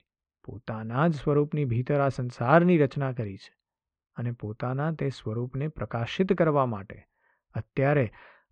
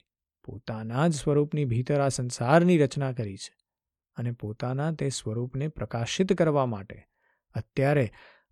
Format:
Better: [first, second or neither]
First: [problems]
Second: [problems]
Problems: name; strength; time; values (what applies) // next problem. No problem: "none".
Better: second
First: muffled; slightly; fading above 2.5 kHz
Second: none